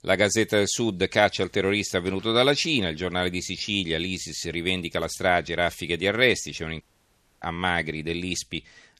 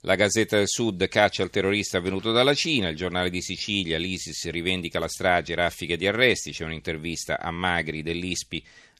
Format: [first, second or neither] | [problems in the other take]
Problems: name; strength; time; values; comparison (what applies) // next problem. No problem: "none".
second | audio cutting out; at 7 s for 0.5 s